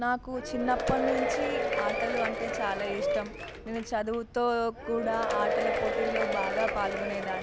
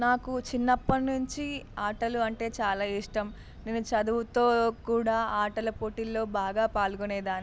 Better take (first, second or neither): second